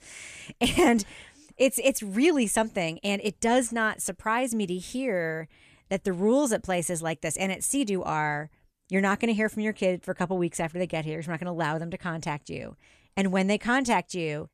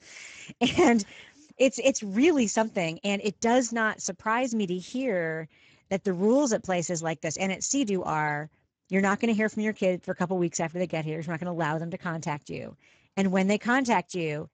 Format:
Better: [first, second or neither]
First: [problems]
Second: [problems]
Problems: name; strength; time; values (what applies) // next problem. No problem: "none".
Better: first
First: none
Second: garbled, watery; badly; nothing above 7.5 kHz